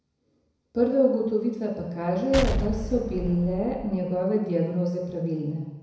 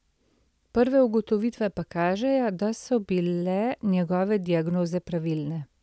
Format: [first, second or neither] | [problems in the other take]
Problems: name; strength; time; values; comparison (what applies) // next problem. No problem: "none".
second | background sound (Explosion); 4 dB below the speech // room echo; dies away in 1 s